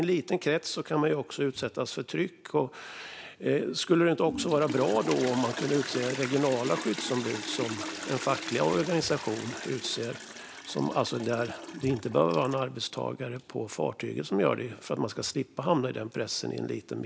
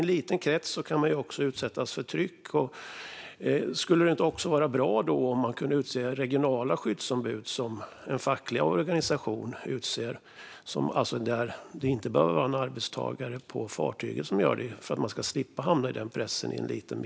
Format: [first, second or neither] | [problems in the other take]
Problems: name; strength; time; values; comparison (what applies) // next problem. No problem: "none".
second | background sound (Toilet flush); 12 dB below the speech